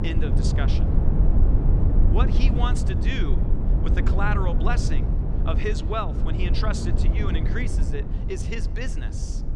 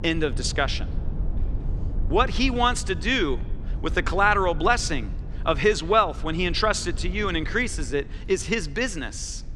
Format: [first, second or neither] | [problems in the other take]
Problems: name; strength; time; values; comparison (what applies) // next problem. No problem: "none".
second | low rumble; loud; throughout; 4 dB below the speech; faint in the second